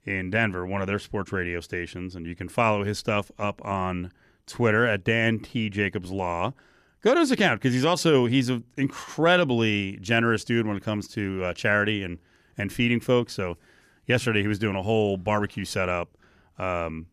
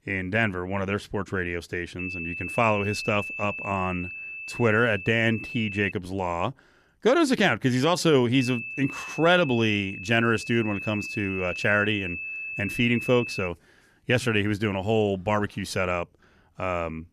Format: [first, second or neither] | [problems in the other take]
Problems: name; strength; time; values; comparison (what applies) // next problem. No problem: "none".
first | high-pitched whine; loud; from 2 to 6 s and from 8.5 to 13 s; 2.5 kHz, 8 dB below the speech